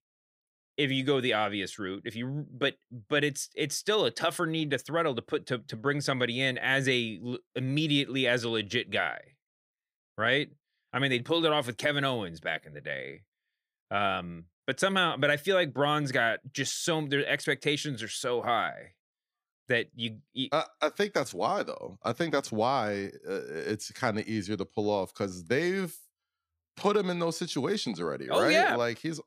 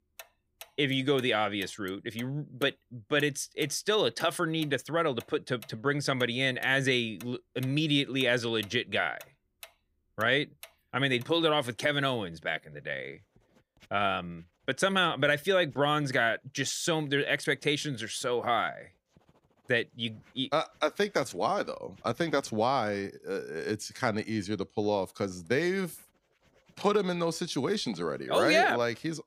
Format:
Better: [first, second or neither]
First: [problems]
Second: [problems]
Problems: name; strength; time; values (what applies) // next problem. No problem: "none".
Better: first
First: none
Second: household noises; faint; throughout; 25 dB below the speech